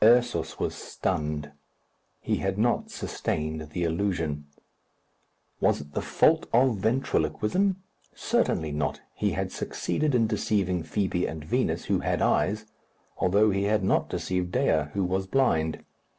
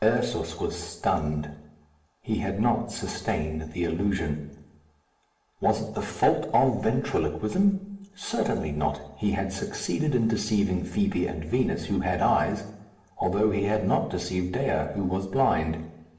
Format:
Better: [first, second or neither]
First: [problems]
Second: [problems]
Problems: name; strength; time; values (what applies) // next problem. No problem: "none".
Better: first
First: none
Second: room echo; dies away in 0.7 s